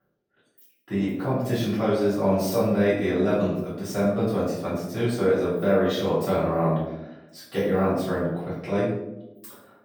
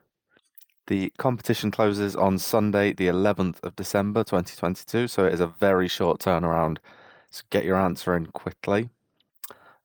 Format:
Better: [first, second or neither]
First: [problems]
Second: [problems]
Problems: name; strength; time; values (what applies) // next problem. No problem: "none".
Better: second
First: off-mic speech; far // room echo; noticeable; dies away in 0.8 s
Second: none